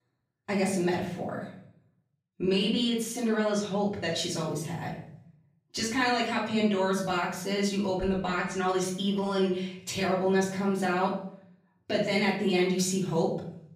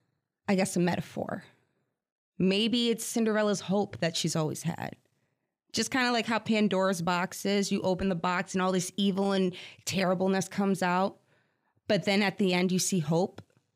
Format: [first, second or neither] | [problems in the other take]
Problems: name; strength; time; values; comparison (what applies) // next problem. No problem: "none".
second | off-mic speech; far // room echo; noticeable; dies away in 0.5 s